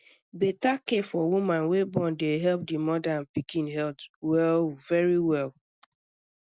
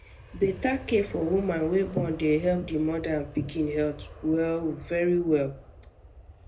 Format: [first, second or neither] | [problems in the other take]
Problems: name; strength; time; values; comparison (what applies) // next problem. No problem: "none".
first | background sound (Aircraft); 16 dB below the speech // room echo; dies away in 0.3 s